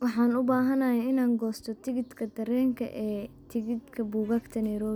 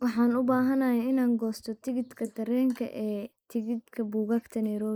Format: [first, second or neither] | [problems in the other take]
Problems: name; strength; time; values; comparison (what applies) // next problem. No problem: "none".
first | noise reduction (neural mask model Resemble Enhance denoiser)